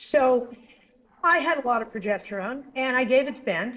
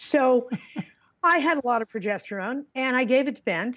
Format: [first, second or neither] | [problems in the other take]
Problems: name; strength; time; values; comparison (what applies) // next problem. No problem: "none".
second | noise reduction (neural separator model SepFormer DNS4)